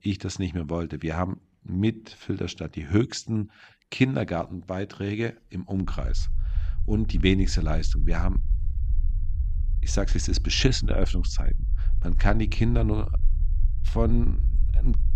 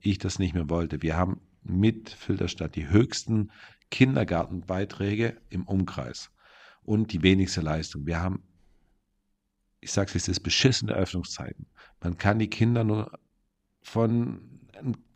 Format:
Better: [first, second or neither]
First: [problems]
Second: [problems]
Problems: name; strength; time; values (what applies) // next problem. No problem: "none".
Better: second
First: low rumble; noticeable; from 6 s on; 20 dB below the speech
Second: none